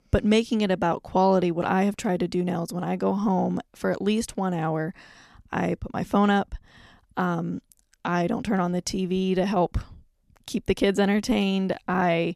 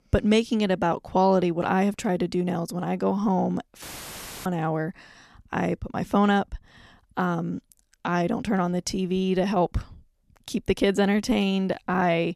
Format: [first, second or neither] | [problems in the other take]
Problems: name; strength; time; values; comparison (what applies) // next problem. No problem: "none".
first | audio cutting out; filled with static; at 4 s for 0.5 s